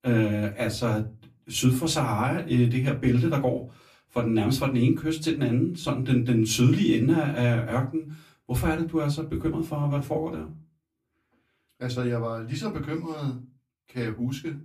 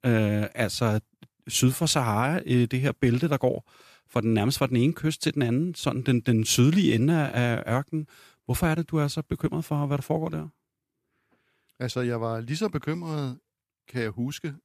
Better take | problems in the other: second | off-mic speech; far // room echo; very slight; dies away in 0.2 s

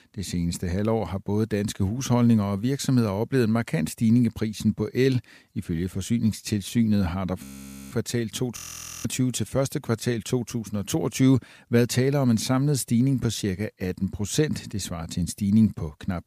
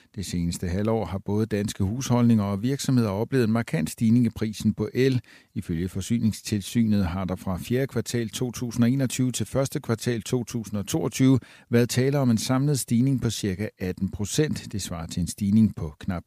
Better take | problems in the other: second | audio freezing; at 7.5 s and at 8.5 s

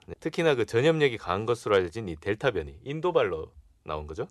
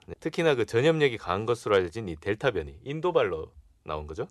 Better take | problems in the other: neither | none

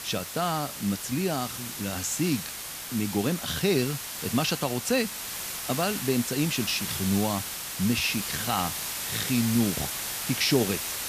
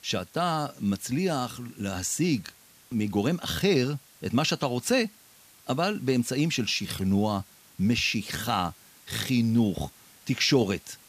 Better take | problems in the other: second | hiss; loud; throughout; 4 dB below the speech; faint in the second

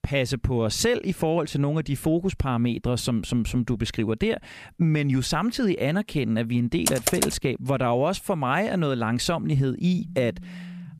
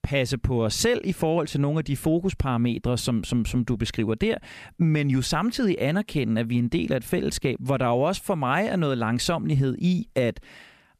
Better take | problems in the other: second | keyboard typing; loud; at 7 s; peak level with the speech // phone ringing; faint; from 10 s on; peak 15 dB below the speech

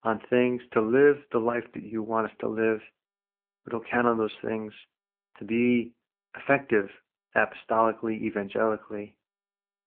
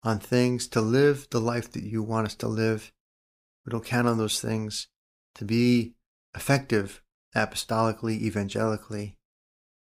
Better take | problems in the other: second | phone-call audio

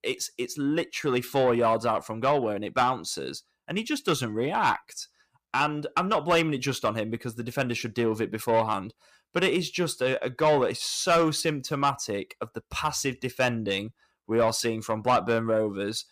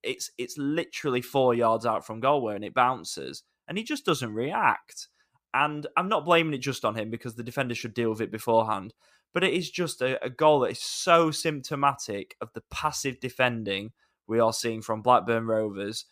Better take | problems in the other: second | distortion; slight; 10 dB below the speech

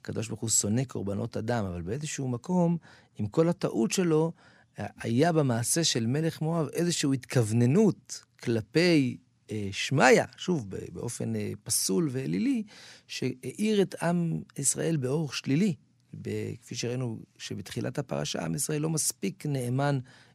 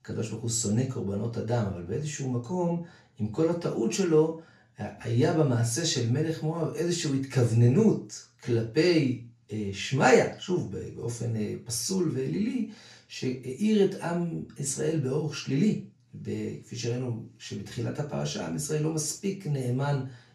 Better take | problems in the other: first | room echo; slight; dies away in 0.3 s // off-mic speech; far

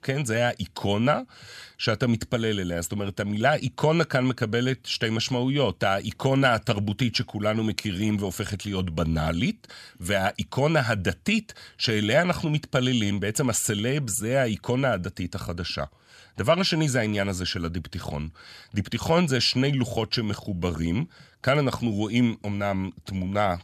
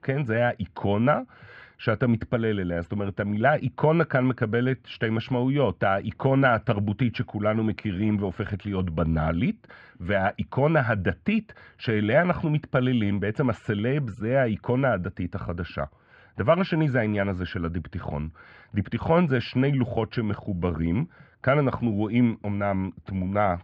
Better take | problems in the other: first | muffled; very; fading above 2 kHz

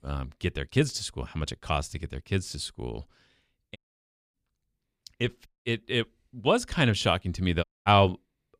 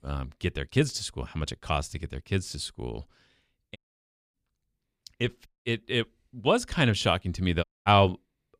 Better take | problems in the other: neither | audio cutting out; at 4 s for 0.5 s, at 5.5 s and at 7.5 s; the same in both

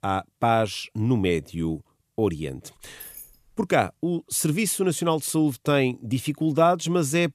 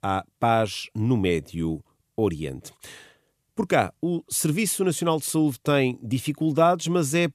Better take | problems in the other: second | jangling keys; faint; at 3 s; peak 15 dB below the speech

